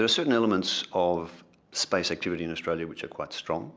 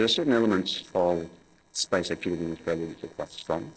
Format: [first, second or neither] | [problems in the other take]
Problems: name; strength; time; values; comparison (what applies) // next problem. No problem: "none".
first | noise reduction (neural separator model SepFormer DNS4)